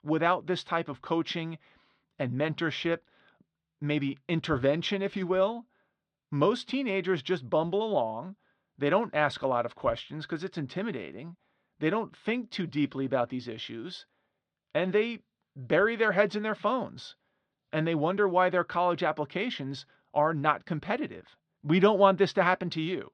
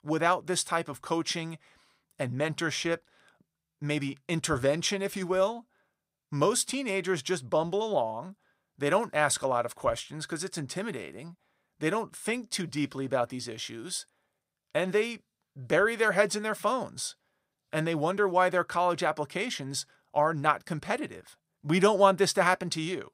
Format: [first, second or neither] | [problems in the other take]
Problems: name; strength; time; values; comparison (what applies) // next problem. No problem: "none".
second | muffled; slightly; fading above 3.5 kHz